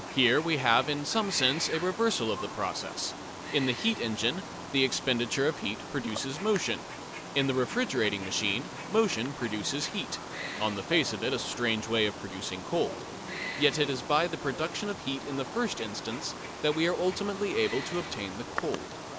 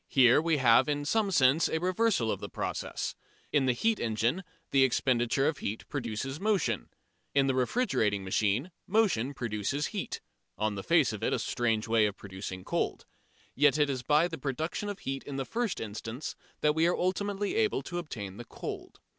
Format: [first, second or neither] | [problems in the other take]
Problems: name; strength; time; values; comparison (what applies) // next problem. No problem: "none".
second | background sound (Wild animals); 9 dB below the speech